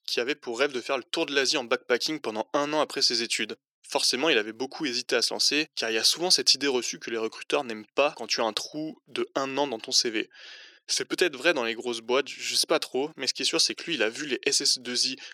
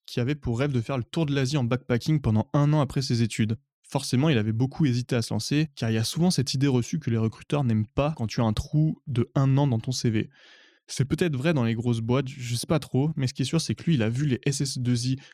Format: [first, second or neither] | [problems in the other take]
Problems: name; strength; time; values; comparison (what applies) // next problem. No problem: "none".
second | thin; very; fading below 400 Hz